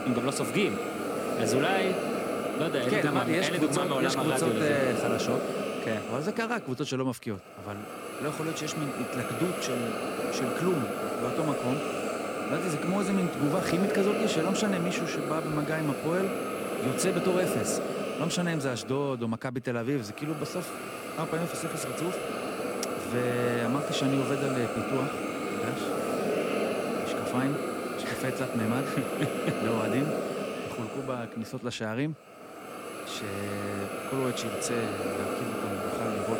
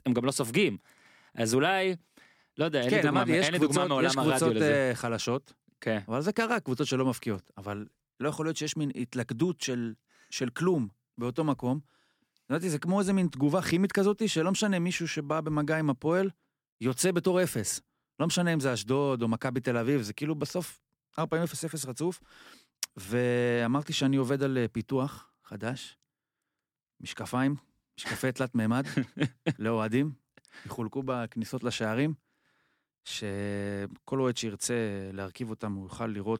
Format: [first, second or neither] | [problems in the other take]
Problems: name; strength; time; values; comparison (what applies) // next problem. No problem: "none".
second | hiss; loud; throughout; 1 dB below the speech